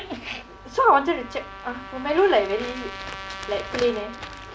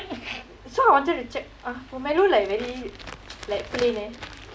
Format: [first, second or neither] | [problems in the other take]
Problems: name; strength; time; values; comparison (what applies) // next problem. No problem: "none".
second | background sound (Trumpet); 14 dB below the speech